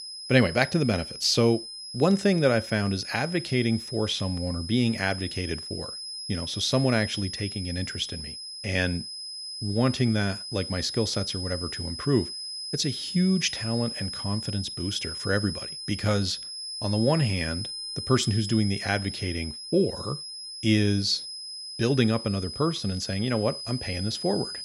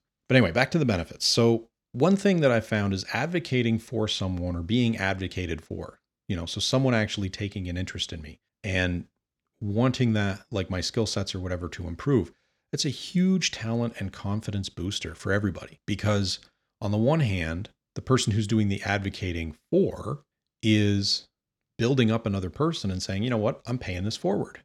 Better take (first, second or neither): second